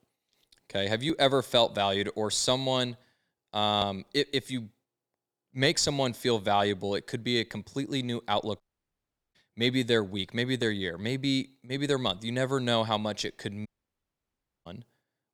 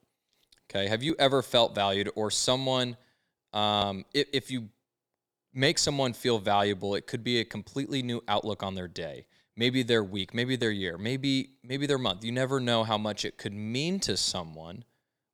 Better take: second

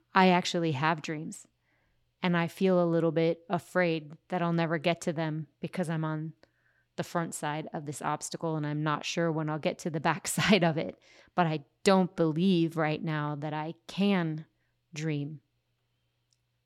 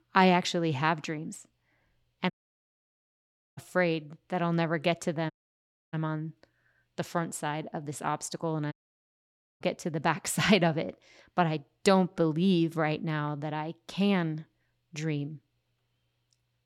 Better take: first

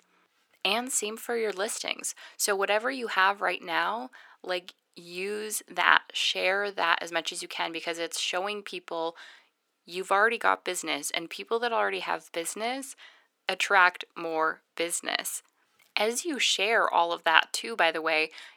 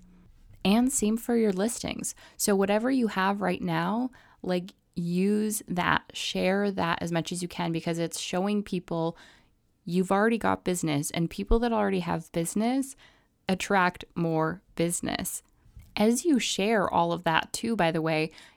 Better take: second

